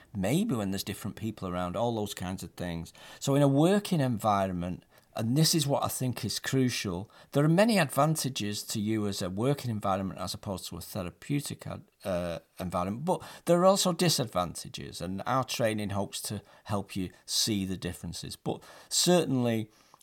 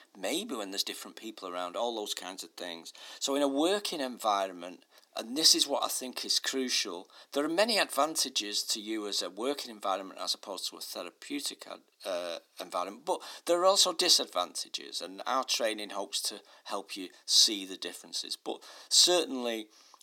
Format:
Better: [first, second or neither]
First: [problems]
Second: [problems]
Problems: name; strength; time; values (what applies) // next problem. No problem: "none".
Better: first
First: none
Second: thin; somewhat; fading below 250 Hz